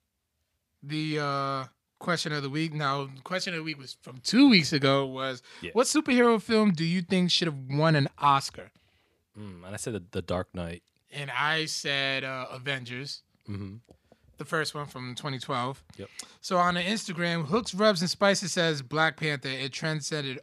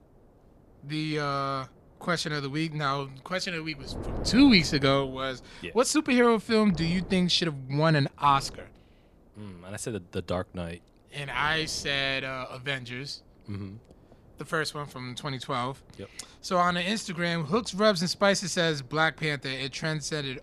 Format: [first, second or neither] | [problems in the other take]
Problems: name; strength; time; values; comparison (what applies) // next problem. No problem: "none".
first | wind noise on the microphone; occasional gusts; 25 dB below the speech